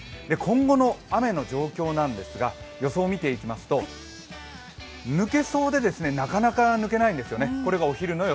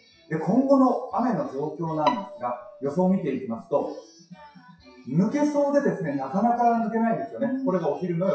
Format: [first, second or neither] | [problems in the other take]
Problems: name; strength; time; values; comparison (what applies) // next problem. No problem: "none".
first | noise reduction (classical method WPE with log-MMSE)